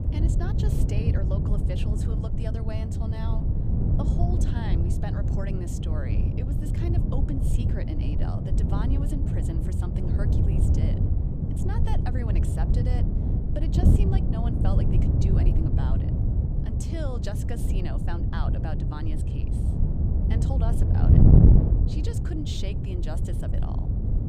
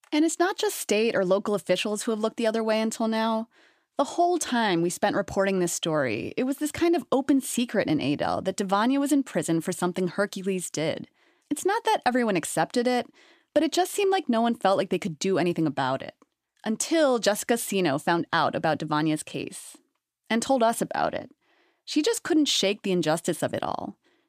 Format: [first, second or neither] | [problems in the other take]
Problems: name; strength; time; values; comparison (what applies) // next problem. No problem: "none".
second | wind noise on the microphone; heavy; 3 dB above the speech